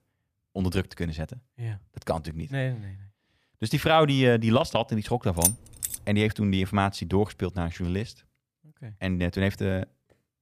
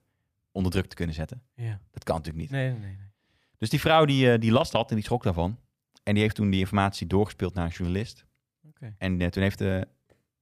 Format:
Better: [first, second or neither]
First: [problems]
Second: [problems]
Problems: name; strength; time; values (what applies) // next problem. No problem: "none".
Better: second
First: jangling keys; loud; at 5.5 s; peak 3 dB above the speech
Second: none